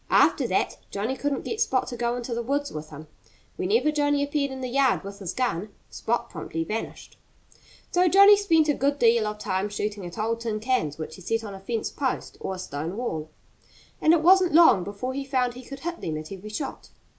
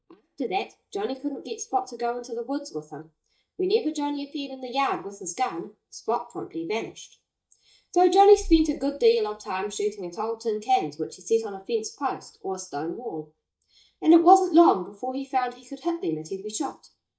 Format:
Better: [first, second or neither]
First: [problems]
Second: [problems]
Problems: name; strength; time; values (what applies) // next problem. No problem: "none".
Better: first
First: none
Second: noise reduction (neural mask model DeepFilterNet 3)